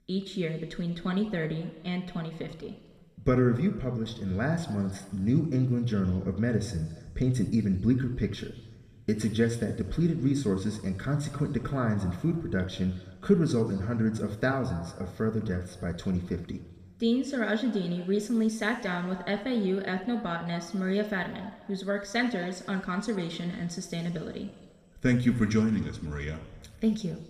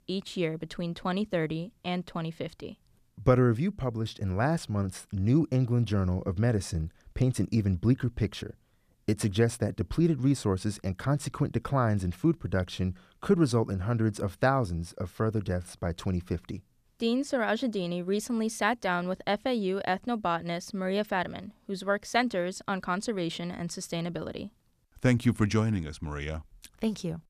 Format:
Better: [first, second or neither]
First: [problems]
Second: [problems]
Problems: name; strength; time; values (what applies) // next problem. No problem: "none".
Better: second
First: room echo; slight; dies away in 1.4 s // off-mic speech; somewhat distant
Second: none